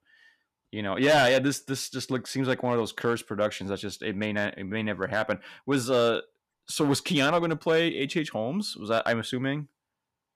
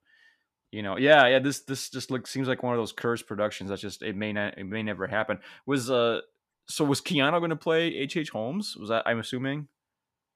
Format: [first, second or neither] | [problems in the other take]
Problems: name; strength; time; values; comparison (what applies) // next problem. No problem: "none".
second | distortion; slight; 3% of the sound clipped